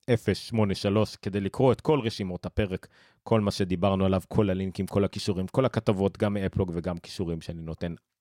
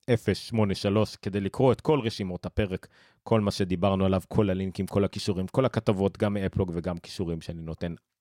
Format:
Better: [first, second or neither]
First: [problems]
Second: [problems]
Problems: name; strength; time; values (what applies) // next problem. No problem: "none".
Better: neither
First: none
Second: none